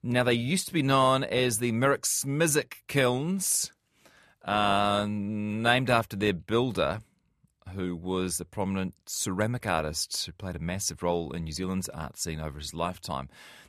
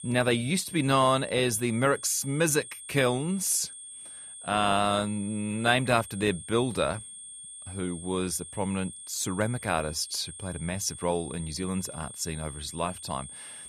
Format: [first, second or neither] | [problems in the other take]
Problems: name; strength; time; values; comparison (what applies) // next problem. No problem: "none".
first | high-pitched whine; noticeable; throughout; 8.5 kHz, 15 dB below the speech